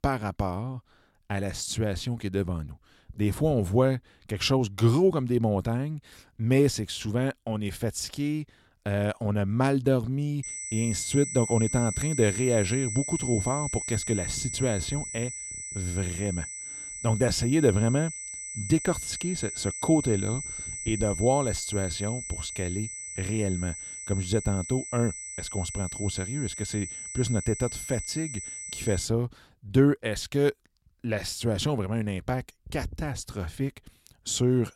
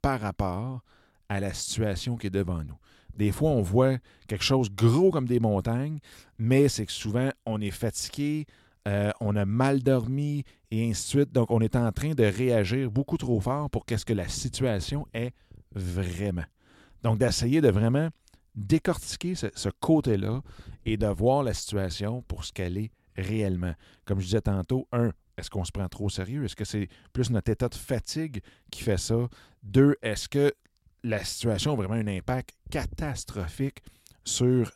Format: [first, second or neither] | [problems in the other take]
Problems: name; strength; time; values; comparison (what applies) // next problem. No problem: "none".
second | high-pitched whine; loud; from 10 to 29 s; 8 kHz, 6 dB below the speech